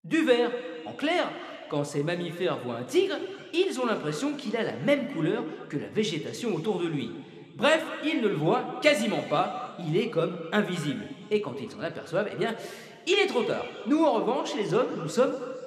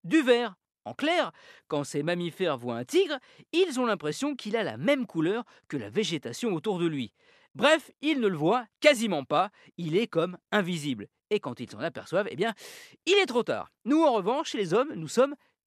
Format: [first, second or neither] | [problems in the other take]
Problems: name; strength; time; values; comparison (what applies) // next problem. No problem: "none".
second | room echo; very slight; dies away in 2.2 s